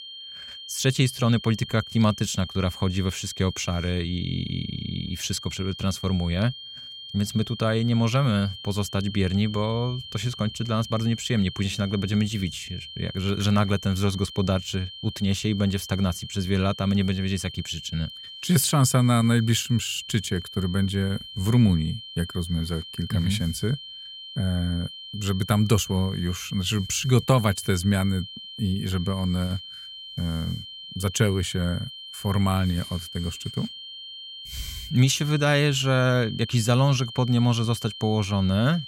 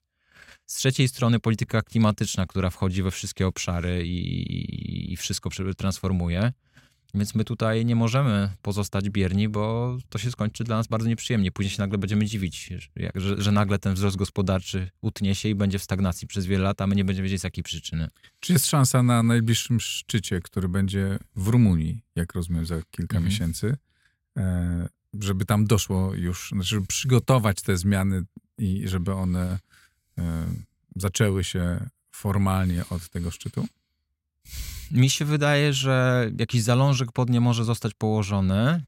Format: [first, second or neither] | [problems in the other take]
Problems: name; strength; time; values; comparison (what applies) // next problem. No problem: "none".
second | high-pitched whine; noticeable; throughout; 3 kHz, 10 dB below the speech